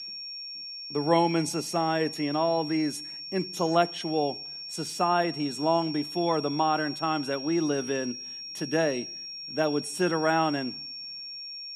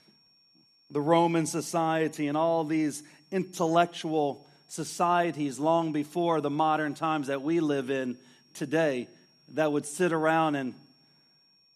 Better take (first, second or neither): second